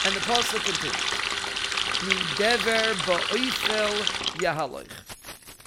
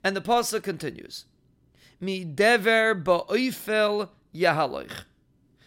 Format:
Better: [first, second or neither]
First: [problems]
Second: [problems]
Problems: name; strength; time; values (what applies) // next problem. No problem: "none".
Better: second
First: household noises; very loud; throughout; 3 dB above the speech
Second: none